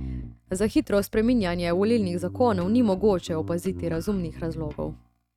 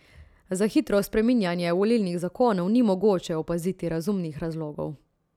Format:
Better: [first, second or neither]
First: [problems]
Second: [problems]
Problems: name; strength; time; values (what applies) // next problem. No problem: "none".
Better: second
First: noise reduction (neural mask model RNNoise)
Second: none